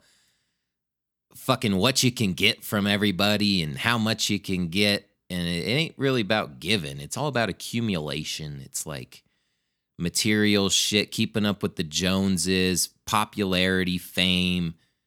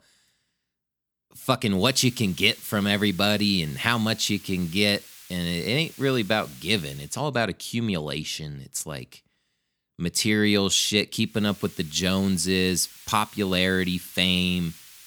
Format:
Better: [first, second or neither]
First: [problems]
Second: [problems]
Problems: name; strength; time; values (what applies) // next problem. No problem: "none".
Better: first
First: none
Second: hiss; faint; from 2 to 7 s and from 11 s on; 20 dB below the speech